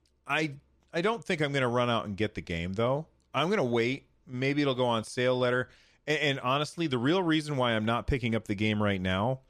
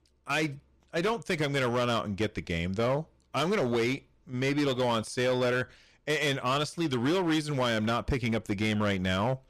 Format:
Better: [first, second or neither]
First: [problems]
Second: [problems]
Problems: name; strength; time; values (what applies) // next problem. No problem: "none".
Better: first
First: none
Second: distortion; slight; 12% of the sound clipped